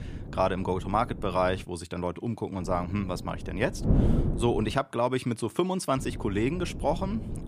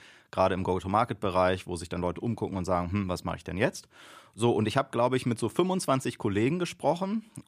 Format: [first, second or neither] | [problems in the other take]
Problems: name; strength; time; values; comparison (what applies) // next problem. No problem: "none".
second | wind noise on the microphone; occasional gusts; until 1.5 s, from 2.5 to 5 s and from 6 s on; 10 dB below the speech